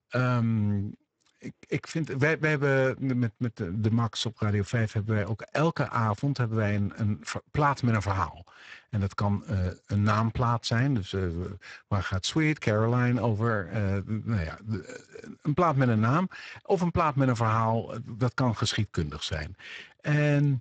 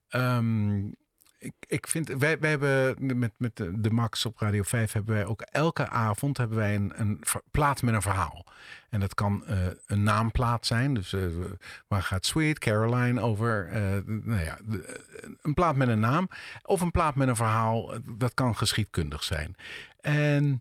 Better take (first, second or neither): second